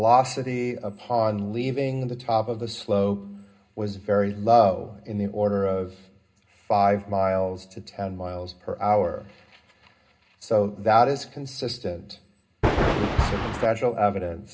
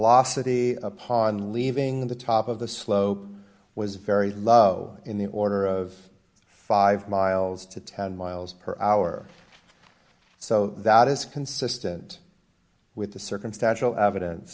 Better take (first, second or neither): second